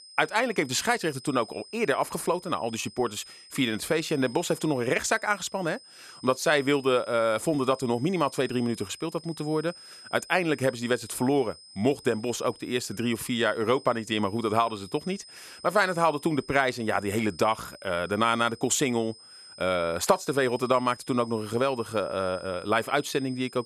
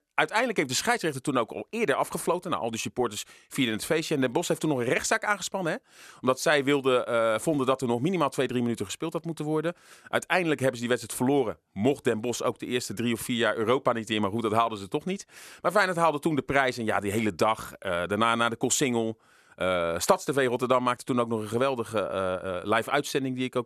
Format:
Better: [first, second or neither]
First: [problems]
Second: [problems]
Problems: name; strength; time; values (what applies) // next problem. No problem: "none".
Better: second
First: high-pitched whine; noticeable; throughout; 5 kHz, 20 dB below the speech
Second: none